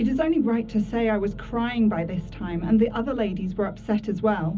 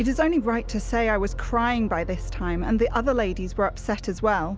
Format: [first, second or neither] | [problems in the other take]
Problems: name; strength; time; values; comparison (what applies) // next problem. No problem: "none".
second | room echo; dies away in 0.4 s